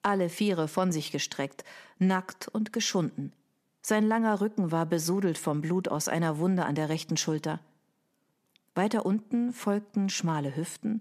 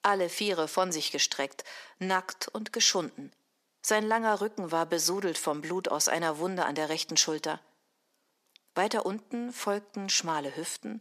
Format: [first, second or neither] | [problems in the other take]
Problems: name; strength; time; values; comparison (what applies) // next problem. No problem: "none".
first | thin; somewhat; fading below 400 Hz